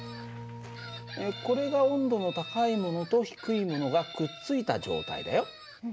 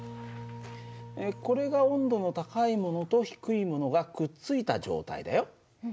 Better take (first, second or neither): second